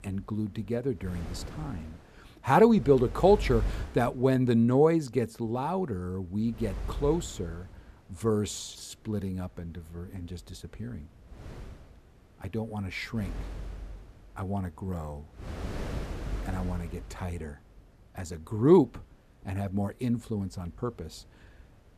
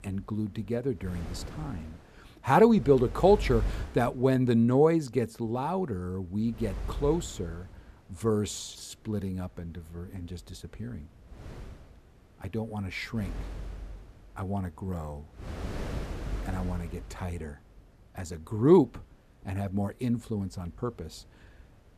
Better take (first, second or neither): neither